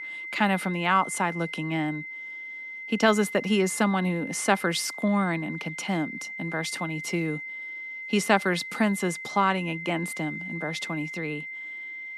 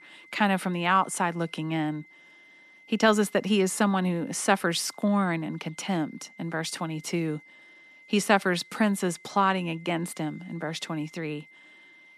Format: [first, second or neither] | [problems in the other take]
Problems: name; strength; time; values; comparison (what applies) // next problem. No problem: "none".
second | high-pitched whine; loud; throughout; 2 kHz, 8 dB below the speech; faint in the second